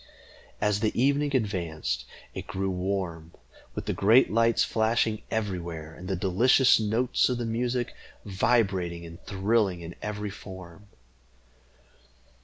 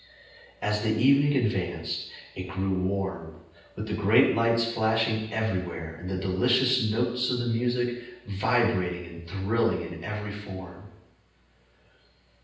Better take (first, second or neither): first